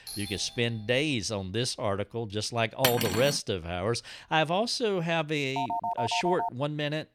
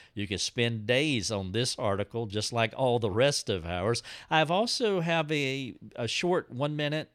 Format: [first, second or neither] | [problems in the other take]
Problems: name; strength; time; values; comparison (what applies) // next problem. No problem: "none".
second | doorbell; noticeable; at the start; peak 9 dB below the speech // clattering dishes; loud; at 3 s; peak 2 dB above the speech // phone ringing; noticeable; at 5.5 s; peak 2 dB below the speech